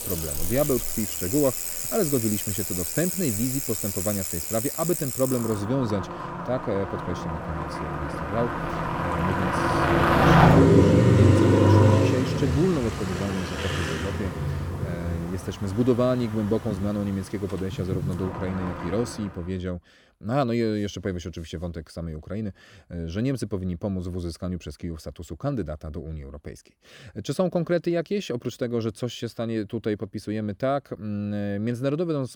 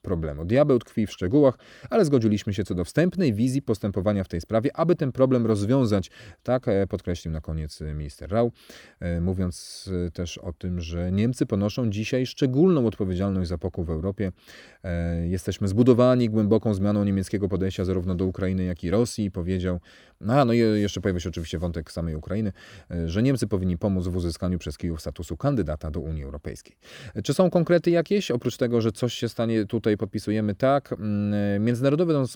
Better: second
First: traffic noise; very loud; until 19 s; 5 dB above the speech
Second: none

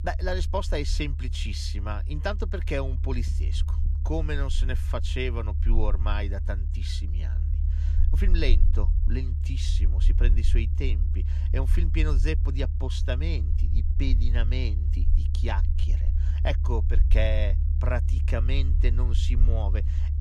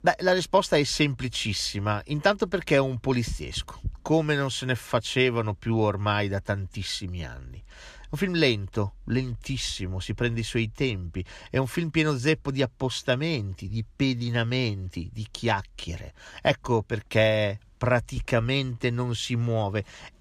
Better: second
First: low rumble; noticeable; throughout; 10 dB below the speech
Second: none

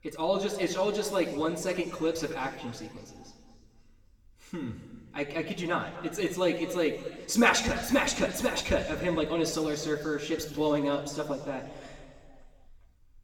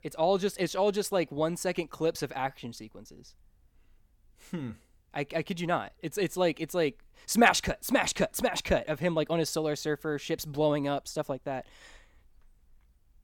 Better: second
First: room echo; slight; dies away in 2 s // off-mic speech; somewhat distant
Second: none

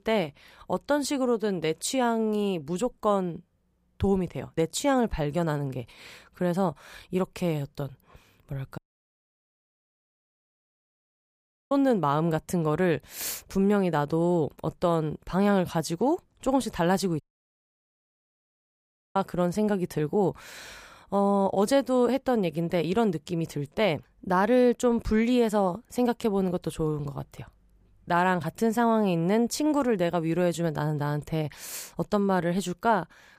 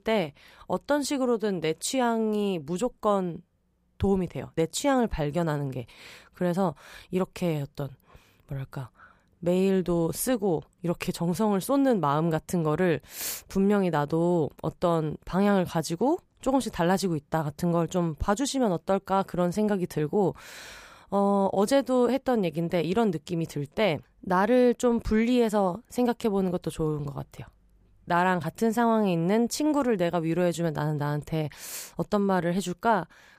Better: second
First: audio cutting out; at 9 s for 3 s and at 17 s for 2 s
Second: none

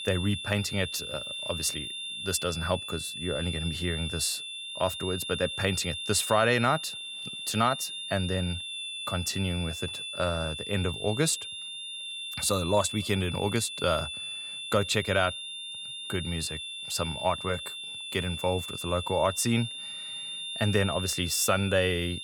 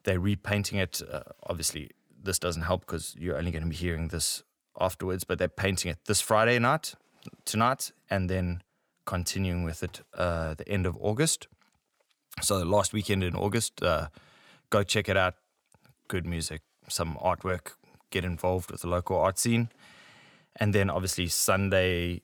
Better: second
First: high-pitched whine; loud; throughout; 3.5 kHz, 6 dB below the speech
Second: none

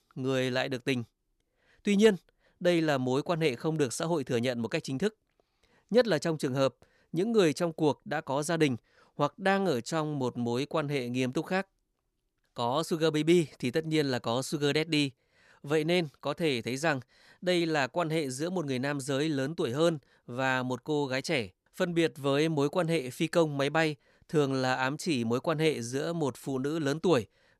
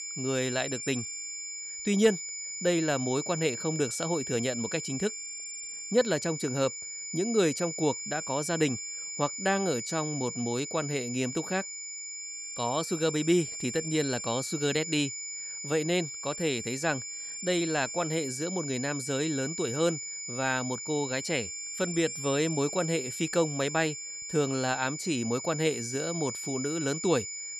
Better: first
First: none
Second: high-pitched whine; loud; throughout; 7 kHz, 5 dB below the speech

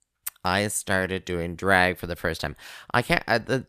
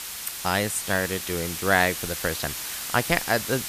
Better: first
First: none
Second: hiss; loud; throughout; 5 dB below the speech

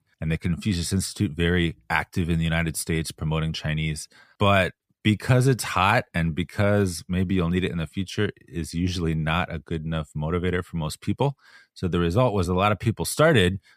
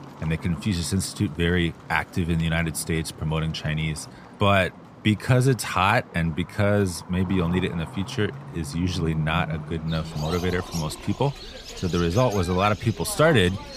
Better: first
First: none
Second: animal sounds; noticeable; throughout; 15 dB below the speech

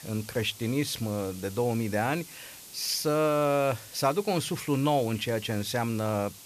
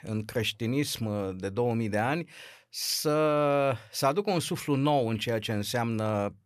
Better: second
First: hiss; noticeable; throughout; 15 dB below the speech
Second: none

